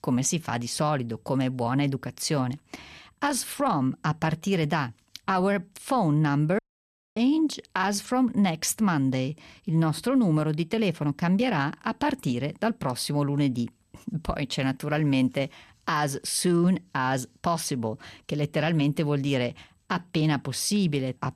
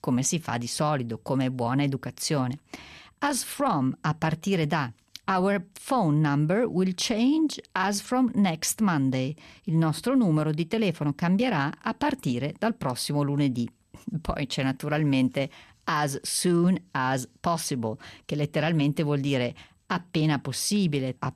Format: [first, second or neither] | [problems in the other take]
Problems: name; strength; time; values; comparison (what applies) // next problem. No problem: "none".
second | audio cutting out; at 6.5 s for 0.5 s